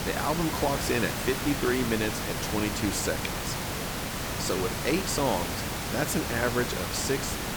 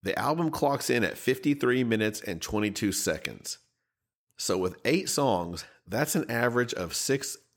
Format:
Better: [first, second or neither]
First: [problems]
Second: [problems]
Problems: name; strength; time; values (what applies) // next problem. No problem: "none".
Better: second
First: hiss; loud; throughout; 1 dB below the speech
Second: none